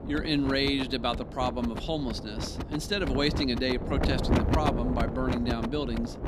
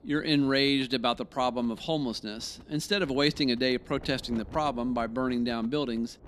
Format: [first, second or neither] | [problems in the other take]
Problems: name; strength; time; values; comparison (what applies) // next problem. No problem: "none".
second | wind noise on the microphone; heavy; 5 dB below the speech; occasional gusts in the second